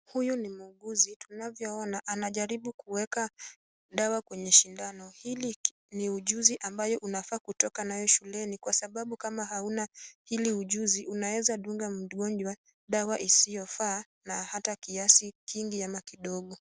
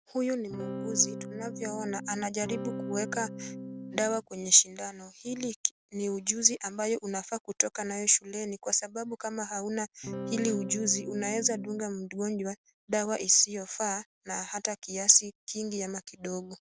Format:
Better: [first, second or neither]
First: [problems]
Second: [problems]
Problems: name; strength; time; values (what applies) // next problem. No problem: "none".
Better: first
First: none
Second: background sound (Electric guitar / Strum); 8 dB below the speech